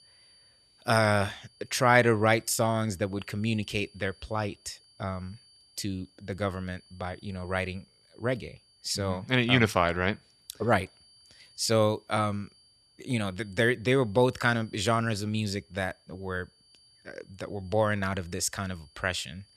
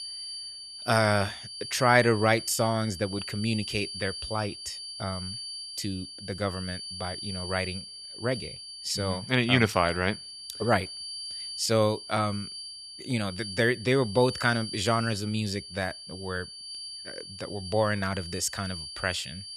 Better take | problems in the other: first | high-pitched whine; loud; throughout; 4.5 kHz, 9 dB below the speech; faint in the first

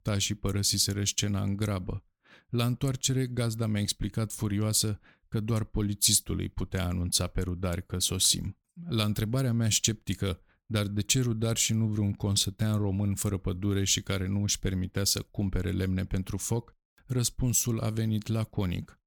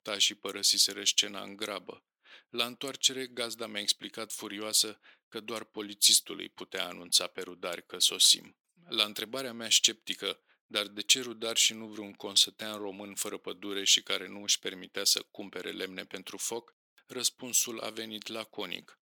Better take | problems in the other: first | thin; very; fading below 350 Hz

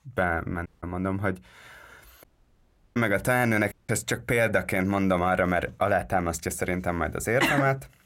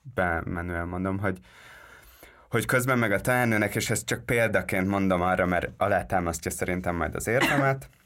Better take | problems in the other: second | audio cutting out; at 0.5 s, at 2 s for 0.5 s and at 3.5 s

